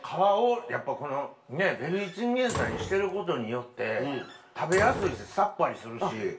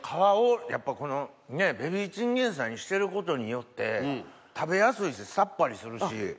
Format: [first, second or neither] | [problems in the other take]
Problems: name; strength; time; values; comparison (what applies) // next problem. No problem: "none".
second | background sound (Slam); 10 dB below the speech // room echo; dies away in 0.3 s